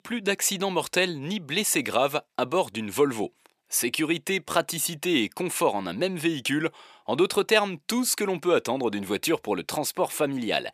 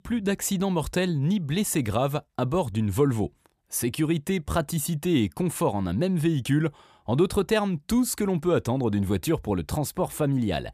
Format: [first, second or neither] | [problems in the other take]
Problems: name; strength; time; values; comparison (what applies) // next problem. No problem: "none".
second | thin; somewhat; fading below 350 Hz